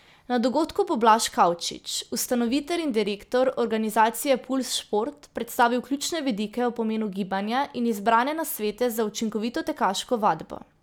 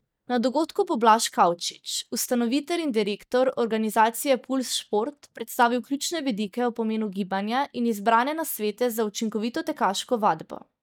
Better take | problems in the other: first | noise reduction (neural mask model DeepFilterNet 3)

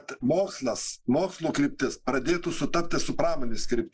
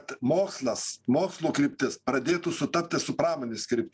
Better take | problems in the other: second | noise reduction (neural mask model Resemble Enhance denoiser)

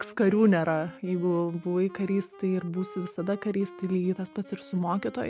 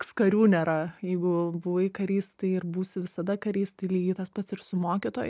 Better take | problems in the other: second | background sound (Wind instrument, woodwind instrument); 20 dB below the speech

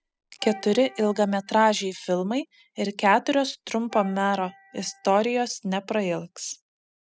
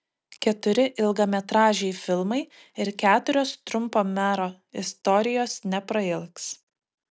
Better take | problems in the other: second | noise reduction (classical method spectral subtraction)

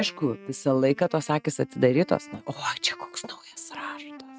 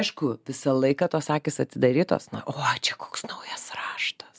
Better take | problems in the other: second | noise reduction (neural mask model RNNoise)

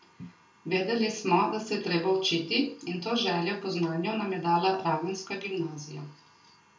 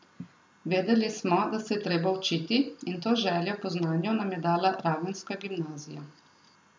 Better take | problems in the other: second | room echo; dies away in 0.3 s

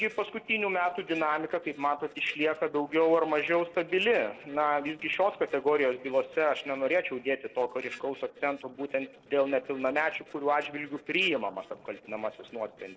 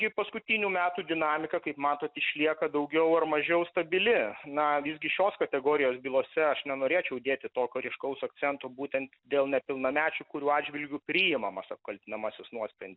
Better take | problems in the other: second | noise reduction (neural separator model SepFormer DNS4)

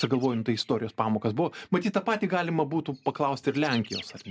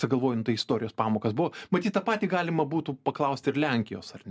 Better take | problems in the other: second | background sound (Bird); 19 dB below the speech

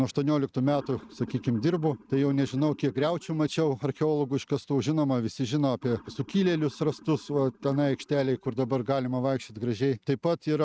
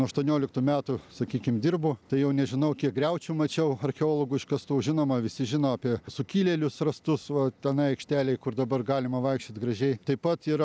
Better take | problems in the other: second | noise reduction (neural mask model RNNoise)

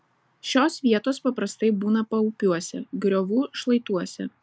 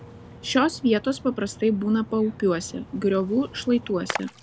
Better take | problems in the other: first | background sound (Splash, splatter); 15 dB below the speech

